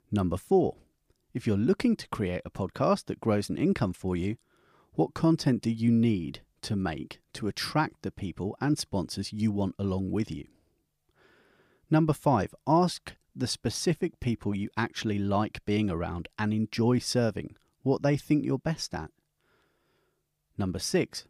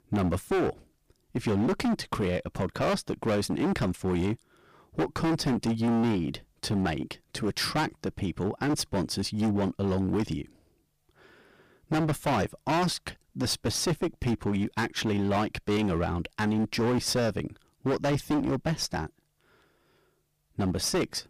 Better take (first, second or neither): first